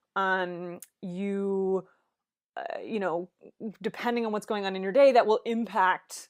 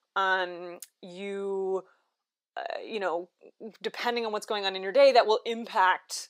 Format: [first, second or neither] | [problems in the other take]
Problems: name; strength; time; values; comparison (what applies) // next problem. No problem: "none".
first | thin; somewhat; fading below 350 Hz